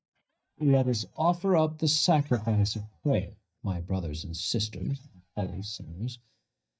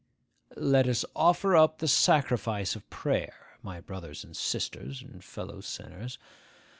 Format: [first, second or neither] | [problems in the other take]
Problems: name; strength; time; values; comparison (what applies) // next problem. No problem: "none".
second | noise reduction (neural mask model DeepFilterNet 3)